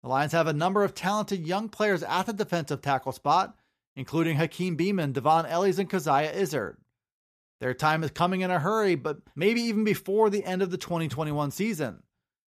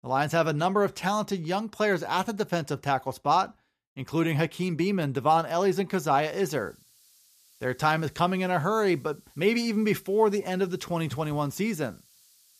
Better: first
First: none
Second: hiss; faint; from 6 s on; 30 dB below the speech

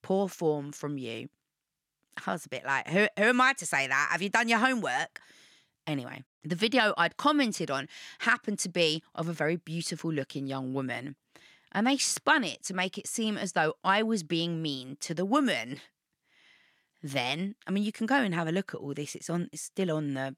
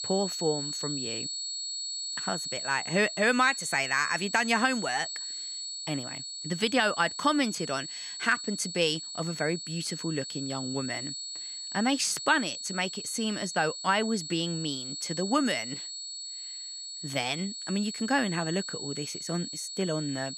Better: first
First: none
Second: high-pitched whine; loud; throughout; 4.5 kHz, 6 dB below the speech

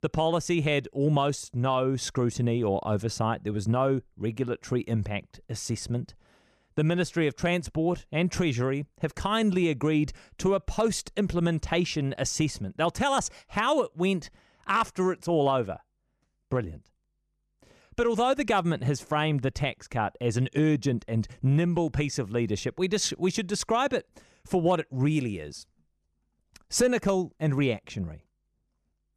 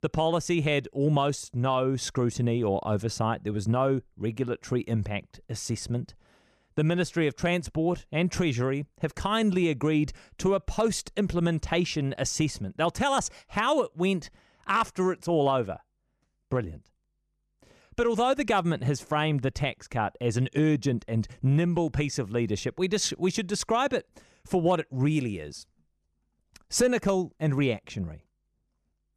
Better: neither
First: none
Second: none

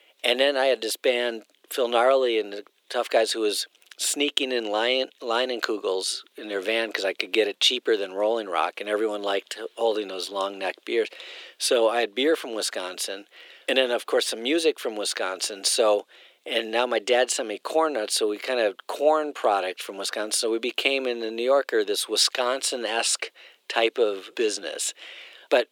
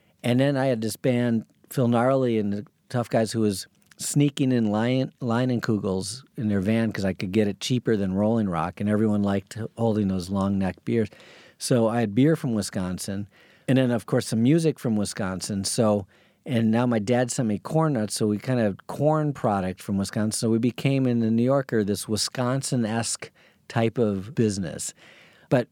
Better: second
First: thin; very; fading below 350 Hz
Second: none

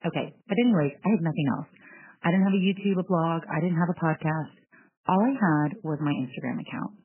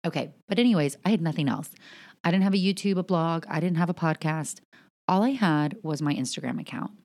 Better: second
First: garbled, watery; badly; nothing above 3 kHz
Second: none

